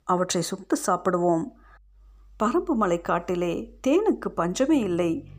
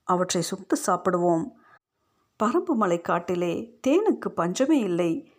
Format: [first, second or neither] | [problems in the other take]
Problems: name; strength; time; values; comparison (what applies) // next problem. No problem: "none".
second | background music; faint; throughout; 30 dB below the speech